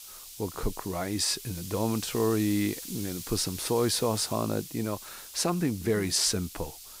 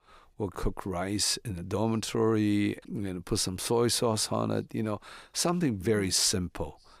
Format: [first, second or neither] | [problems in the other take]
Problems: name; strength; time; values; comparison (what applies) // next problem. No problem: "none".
second | hiss; noticeable; throughout; 10 dB below the speech